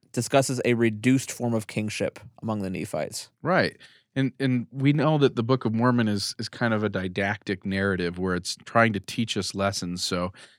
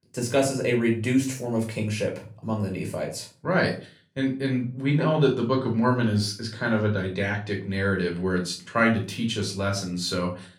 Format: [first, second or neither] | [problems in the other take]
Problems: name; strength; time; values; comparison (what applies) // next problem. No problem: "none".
first | off-mic speech; somewhat distant // room echo; slight; dies away in 0.3 s